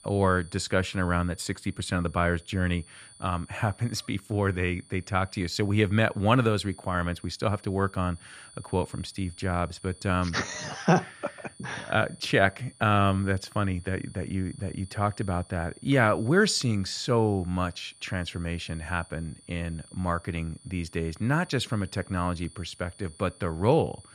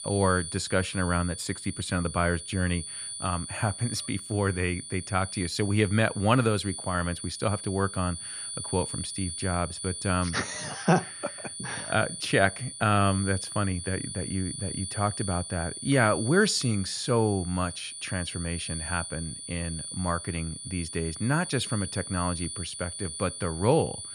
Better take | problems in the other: first | high-pitched whine; loud; throughout; 9.5 kHz, 7 dB below the speech; faint in the first

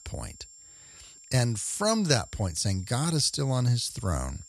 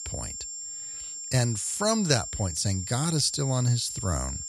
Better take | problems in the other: first | high-pitched whine; loud; throughout; 7.5 kHz, 7 dB below the speech; faint in the first

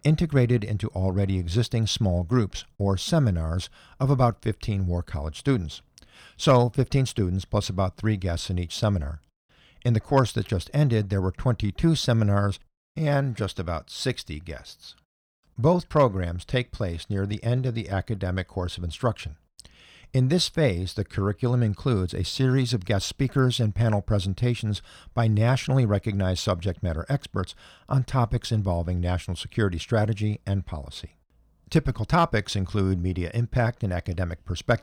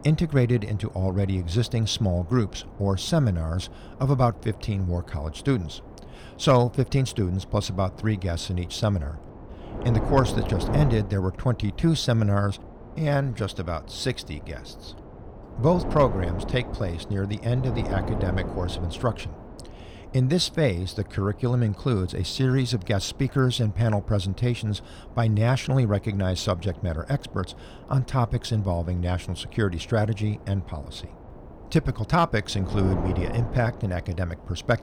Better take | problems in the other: first | wind noise on the microphone; occasional gusts; 10 dB below the speech

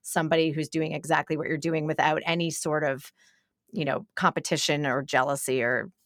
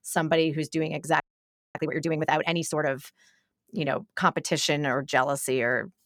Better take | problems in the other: first | audio freezing; at 1 s for 0.5 s

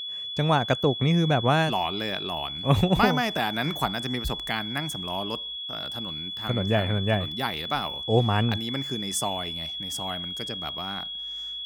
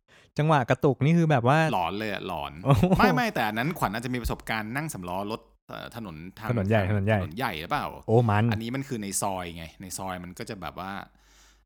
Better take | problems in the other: second | high-pitched whine; loud; throughout; 3.5 kHz, 5 dB below the speech

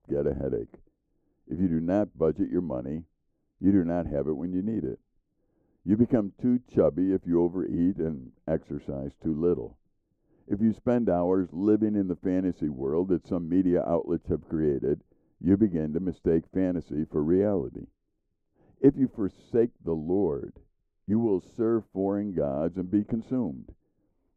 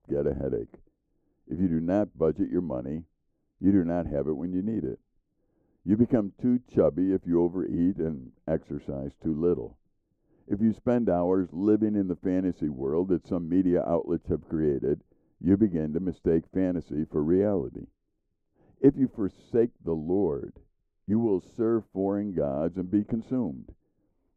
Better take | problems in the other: neither | muffled; very; fading above 1.5 kHz; the same in both

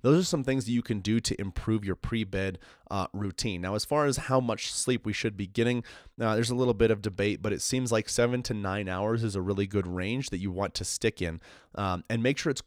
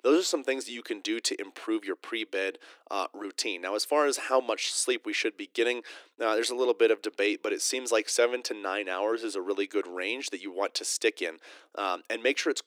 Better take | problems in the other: first | thin; very; fading below 300 Hz

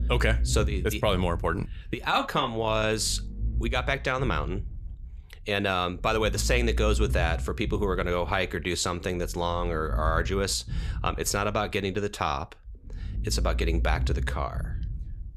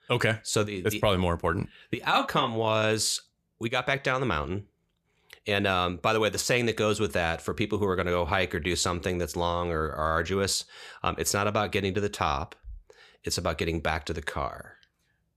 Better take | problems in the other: second | low rumble; faint; throughout; 20 dB below the speech

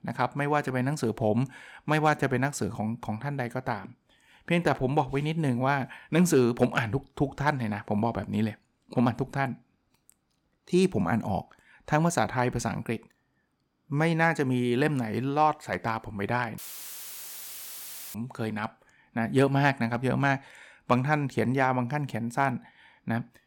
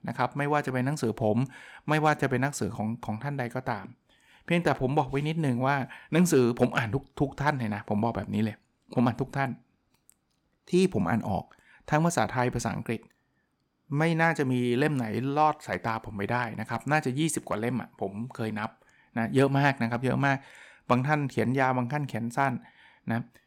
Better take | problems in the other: second | audio cutting out; filled with static; at 17 s for 1.5 s

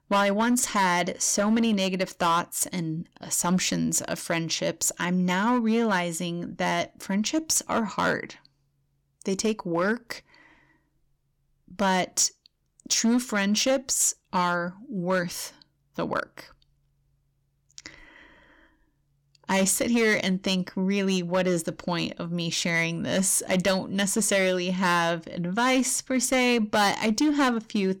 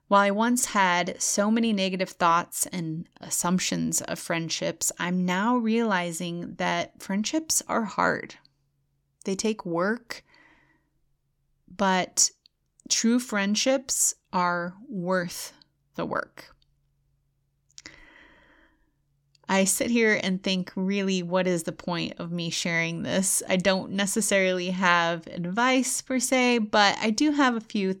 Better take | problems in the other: second | distortion; slight; 5% of the sound clipped

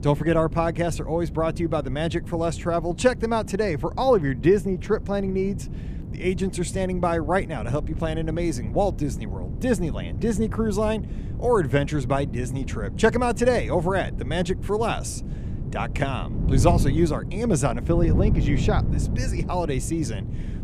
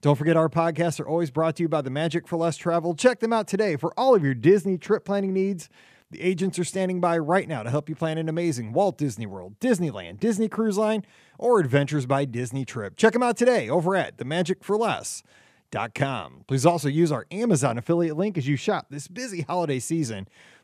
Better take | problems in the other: second | wind noise on the microphone; occasional gusts; 15 dB below the speech

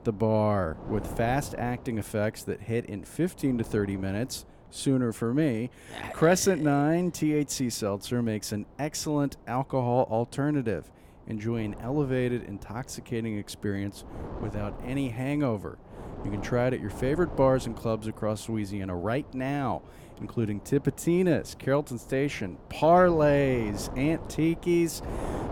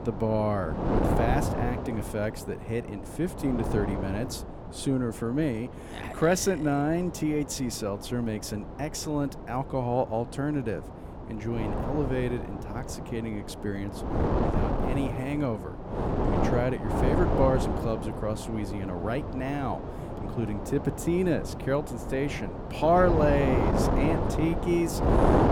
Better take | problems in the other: first | wind noise on the microphone; heavy; 3 dB below the speech; occasional gusts in the first

